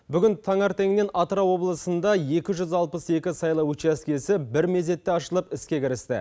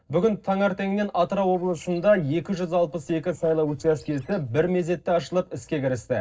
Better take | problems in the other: first | noise reduction (neural separator model SepFormer DNS4)

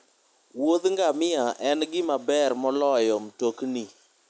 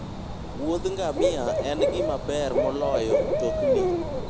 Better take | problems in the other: first | background sound (Cricket / Bird); 4 dB above the speech

